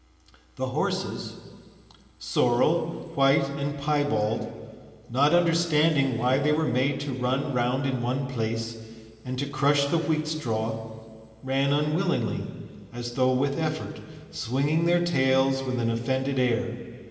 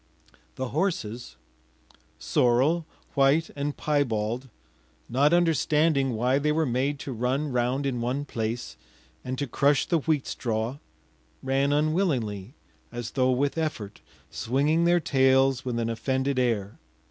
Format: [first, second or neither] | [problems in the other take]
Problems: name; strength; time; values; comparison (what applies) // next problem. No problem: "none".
second | room echo; dies away in 2.4 s